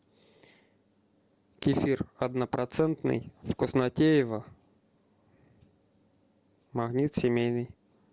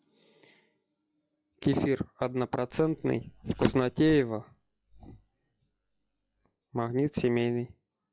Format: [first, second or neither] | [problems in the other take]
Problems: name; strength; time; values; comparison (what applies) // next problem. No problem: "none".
first | noise reduction (classical method log-MMSE)